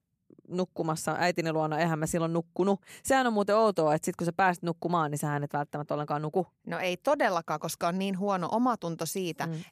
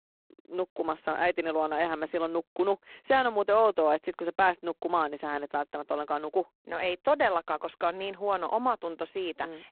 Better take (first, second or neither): first